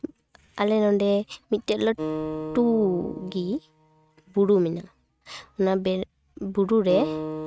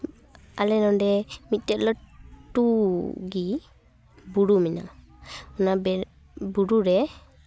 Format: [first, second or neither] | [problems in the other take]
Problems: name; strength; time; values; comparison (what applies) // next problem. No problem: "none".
second | noise reduction (neural mask model RNNoise)